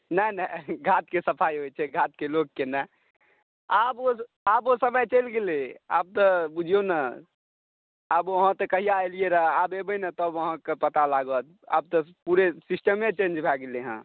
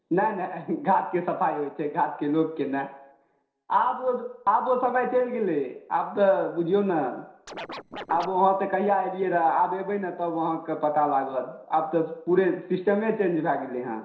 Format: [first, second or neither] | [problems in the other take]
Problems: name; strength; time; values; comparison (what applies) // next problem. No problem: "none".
first | noise reduction (neural separator model SepFormer DNS4)